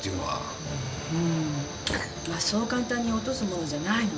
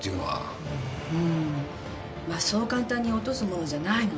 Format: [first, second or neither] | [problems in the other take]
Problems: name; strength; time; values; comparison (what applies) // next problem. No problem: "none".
second | background sound (Fire); 10 dB below the speech